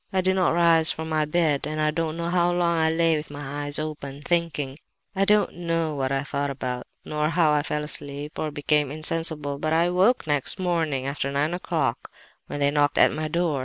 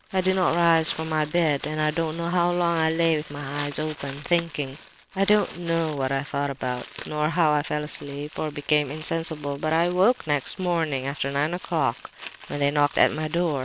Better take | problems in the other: first | background sound (Crumpling, crinkling); 18 dB below the speech

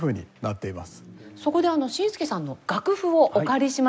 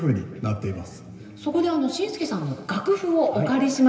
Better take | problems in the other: first | room echo; dies away in 2.3 s

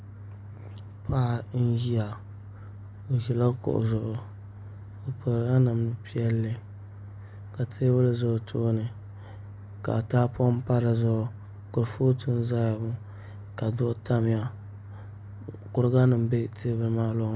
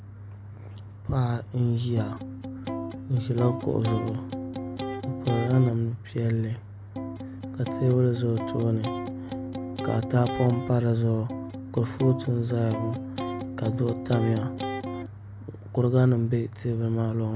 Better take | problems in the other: first | background sound (Electric guitar); 7 dB below the speech

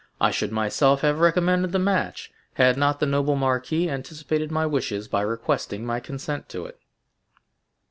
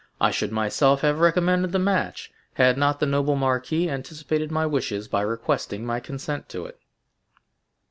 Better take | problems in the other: second | background sound (Drip); 20 dB below the speech

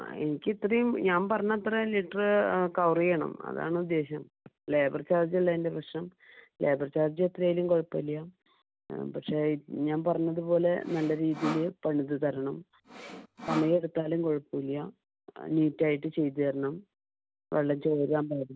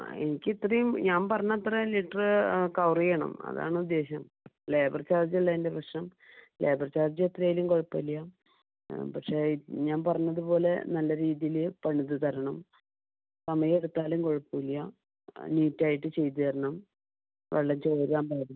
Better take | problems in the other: second | background sound (Sawing); 10 dB below the speech

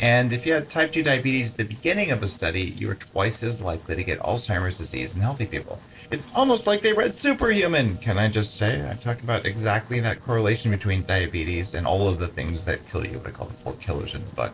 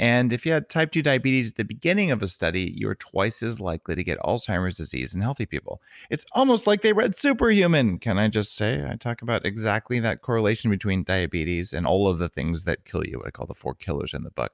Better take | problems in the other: second | noise reduction (neural separator model SepFormer DNS4)

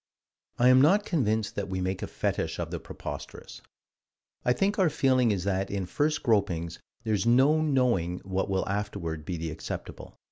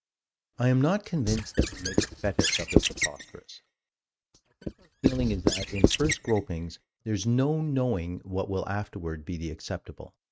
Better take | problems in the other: first | noise reduction (neural mask model RNNoise)

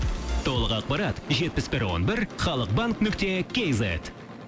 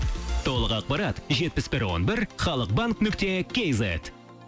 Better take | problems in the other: second | background sound (Gunshot, gunfire / Fireworks); 14 dB below the speech

